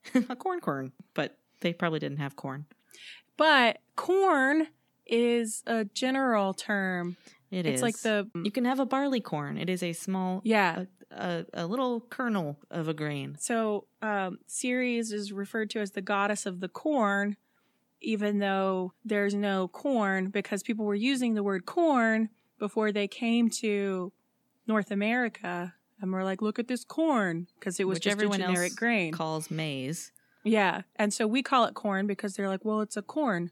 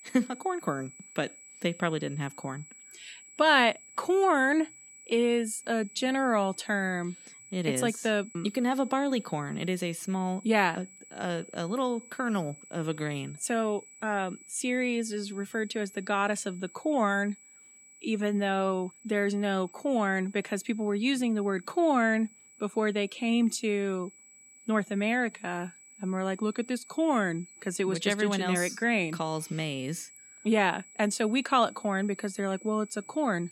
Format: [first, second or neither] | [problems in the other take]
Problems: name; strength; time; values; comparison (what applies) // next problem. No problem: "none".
first | high-pitched whine; faint; throughout; 8 kHz, 20 dB below the speech